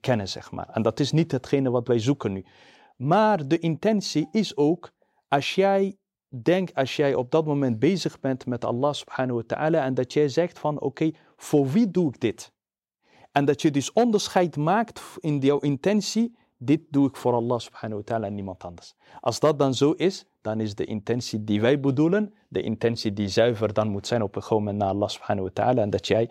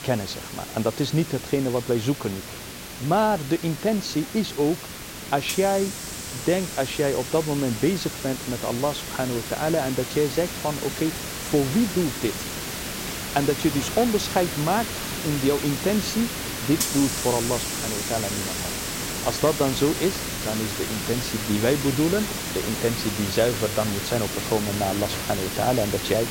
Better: first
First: none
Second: hiss; loud; throughout; 4 dB below the speech

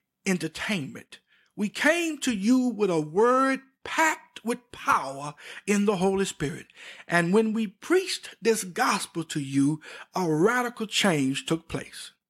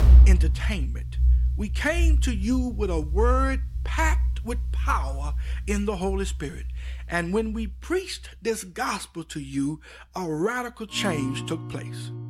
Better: first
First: none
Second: background music; very loud; throughout; 3 dB above the speech

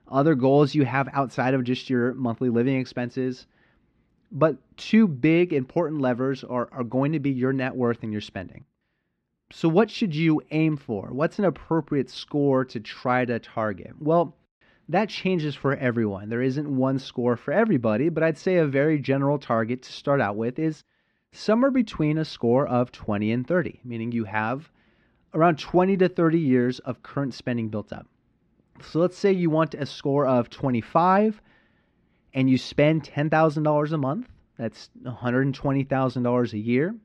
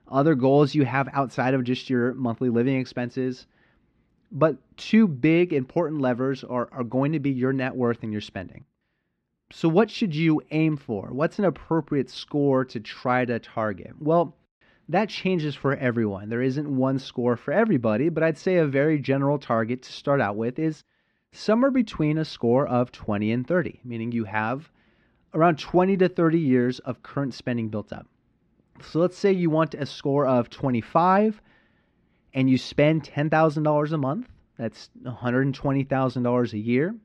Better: neither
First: muffled; slightly; fading above 2.5 kHz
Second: muffled; slightly; fading above 2.5 kHz

